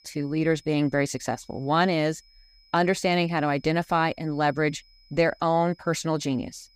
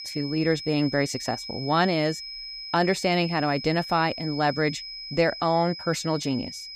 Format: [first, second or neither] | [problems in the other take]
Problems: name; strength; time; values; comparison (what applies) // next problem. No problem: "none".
first | high-pitched whine; loud; throughout; 5 kHz, 9 dB below the speech; faint in the first